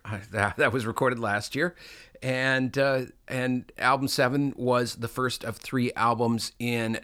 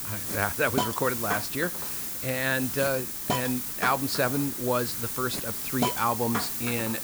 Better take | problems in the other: first | hiss; loud; throughout; 1 dB below the speech

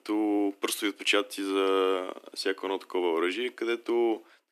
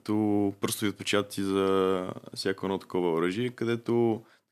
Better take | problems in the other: second | thin; very slightly; fading below 300 Hz

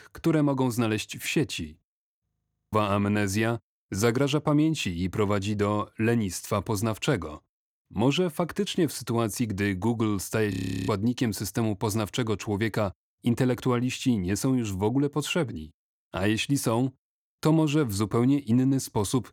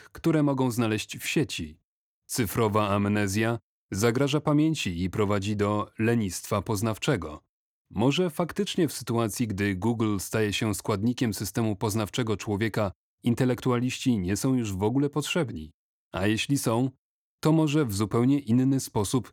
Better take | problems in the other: second | audio freezing; at 2.5 s and at 11 s

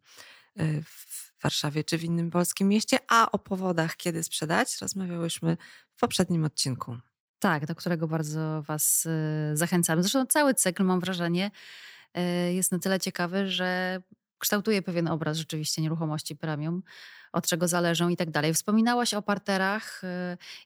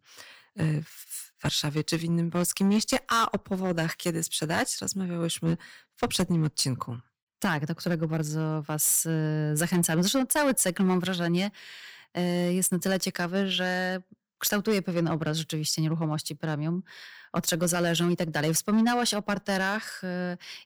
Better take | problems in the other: first | distortion; slight; 4% of the sound clipped

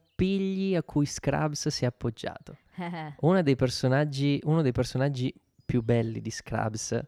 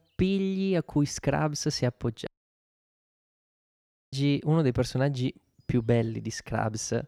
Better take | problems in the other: first | audio cutting out; at 2.5 s for 2 s

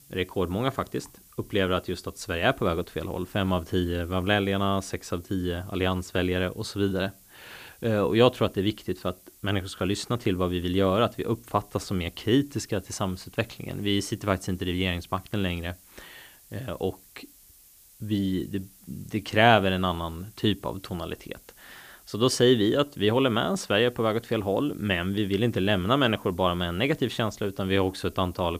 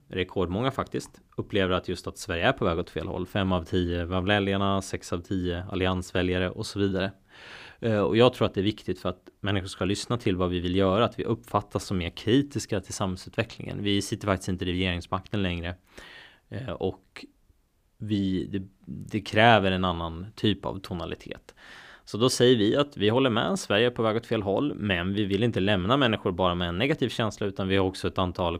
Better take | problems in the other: second | hiss; faint; throughout; 25 dB below the speech

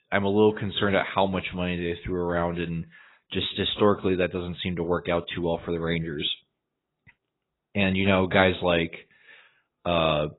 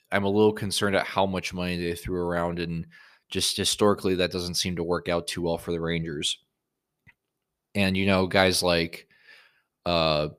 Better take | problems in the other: second | garbled, watery; badly; nothing above 4 kHz

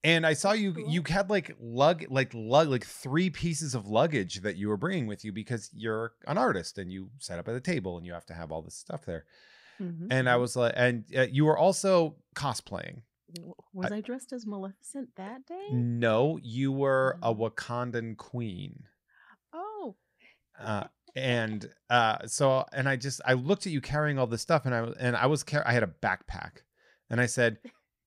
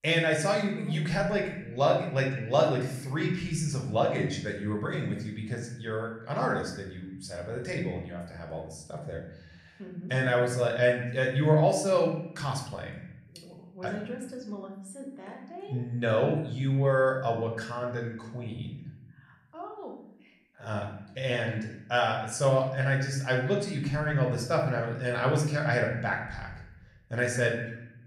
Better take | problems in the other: first | room echo; slight; dies away in 0.8 s // off-mic speech; somewhat distant

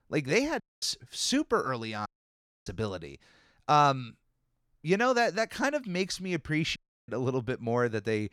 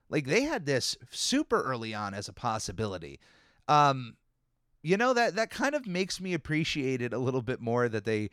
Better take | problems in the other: second | audio cutting out; at 0.5 s, at 2 s for 0.5 s and at 7 s

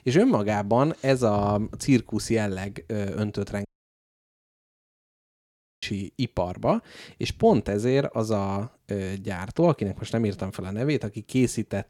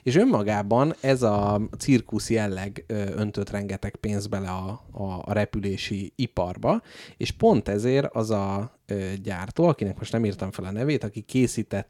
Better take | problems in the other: second | audio cutting out; at 3.5 s for 2 s

